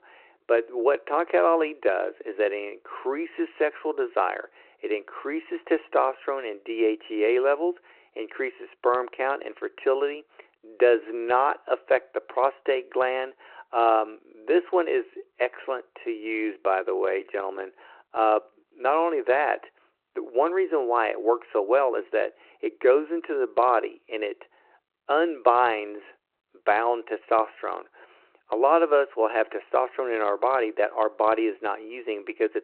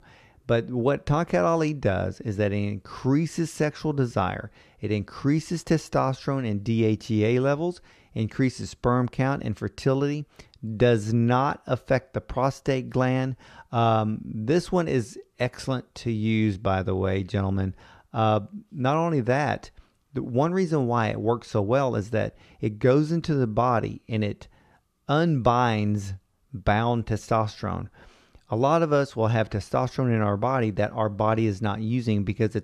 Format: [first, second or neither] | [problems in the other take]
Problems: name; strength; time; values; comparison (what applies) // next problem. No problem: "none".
second | phone-call audio